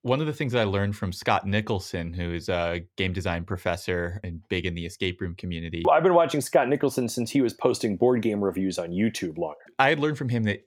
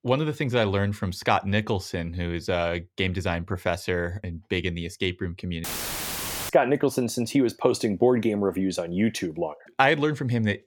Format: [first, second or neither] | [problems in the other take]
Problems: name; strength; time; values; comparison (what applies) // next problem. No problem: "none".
first | audio cutting out; filled with static; at 5.5 s for 1 s